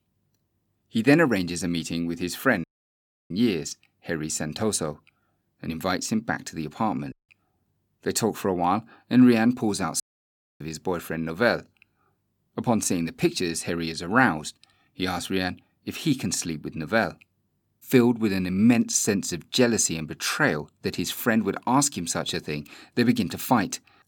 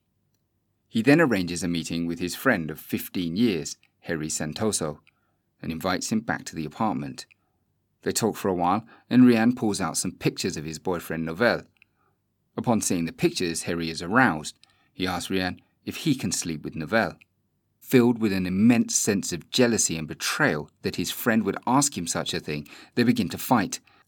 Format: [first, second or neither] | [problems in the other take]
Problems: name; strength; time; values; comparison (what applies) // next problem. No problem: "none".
second | audio cutting out; at 2.5 s for 0.5 s, at 7 s and at 10 s for 0.5 s